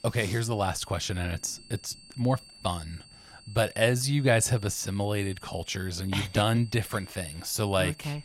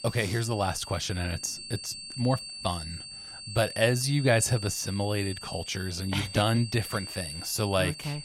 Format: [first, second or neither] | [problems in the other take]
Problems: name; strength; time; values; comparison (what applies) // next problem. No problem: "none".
first | high-pitched whine; loud; throughout; 4.5 kHz, 10 dB below the speech; faint in the first